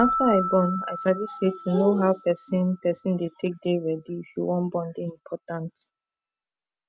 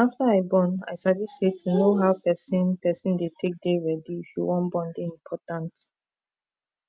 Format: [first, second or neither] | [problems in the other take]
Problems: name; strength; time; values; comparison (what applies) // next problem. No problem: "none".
second | background sound (Keyboard (musical)); 9 dB below the speech